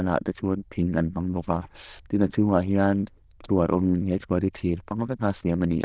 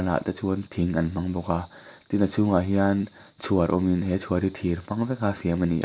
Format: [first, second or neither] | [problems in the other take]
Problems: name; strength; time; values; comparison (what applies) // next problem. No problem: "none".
second | noise reduction (neural diffusion model UNIVERSE++)